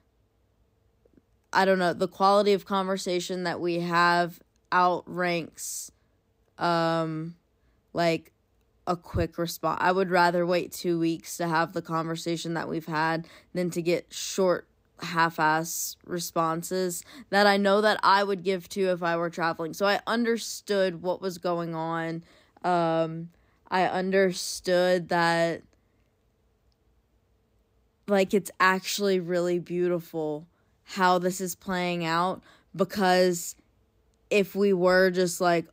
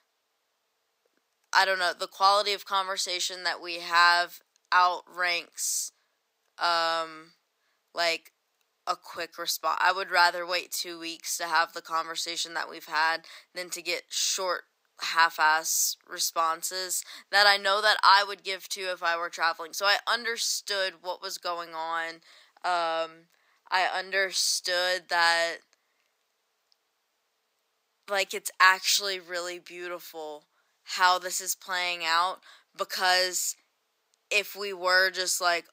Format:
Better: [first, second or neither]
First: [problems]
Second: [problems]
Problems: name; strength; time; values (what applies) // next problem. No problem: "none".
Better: first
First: none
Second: thin; very; fading below 1 kHz